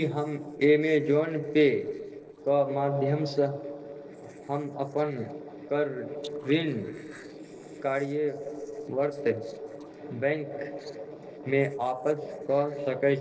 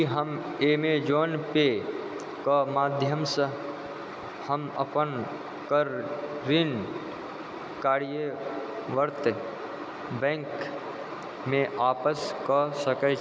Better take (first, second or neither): second